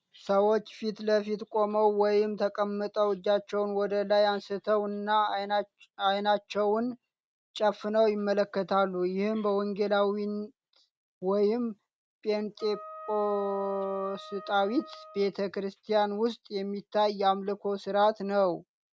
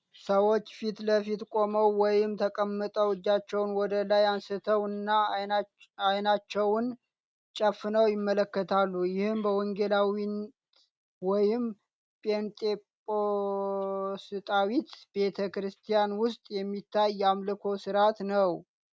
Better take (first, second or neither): second